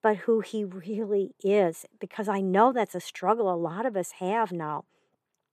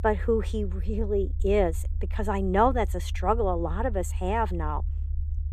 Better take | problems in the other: first | low rumble; faint; throughout; 25 dB below the speech

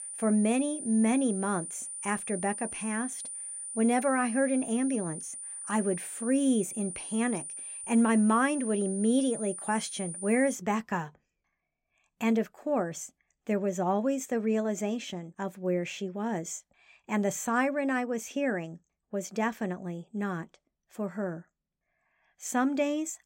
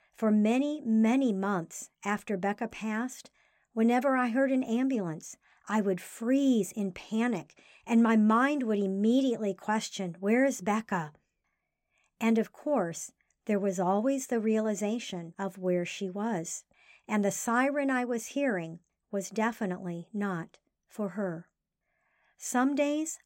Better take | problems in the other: second | high-pitched whine; loud; until 11 s; 9.5 kHz, 7 dB below the speech

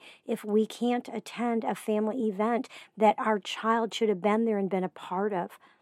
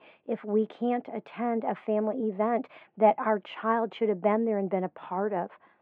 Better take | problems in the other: first | muffled; very; fading above 2.5 kHz

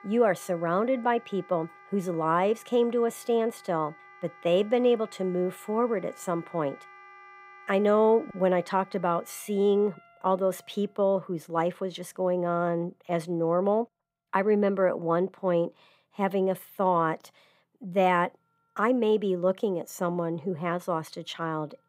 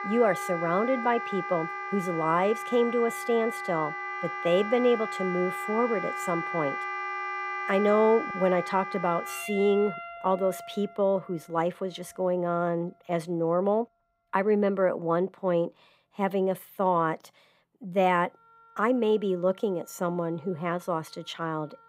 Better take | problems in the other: first | background music; loud; throughout; 6 dB below the speech; faint in the first

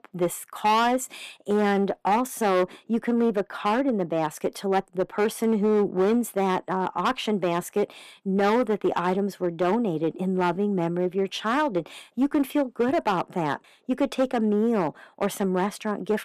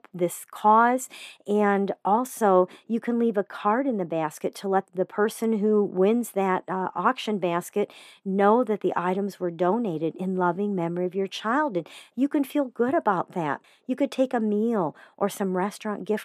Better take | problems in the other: second | distortion; slight; 7% of the sound clipped

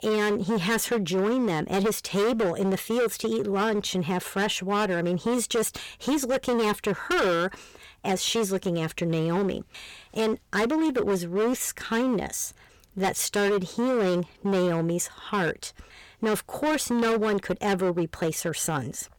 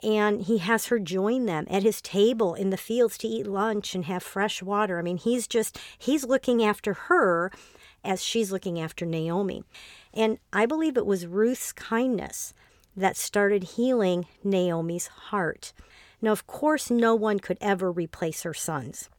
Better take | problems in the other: second | distortion; heavy; 18% of the sound clipped

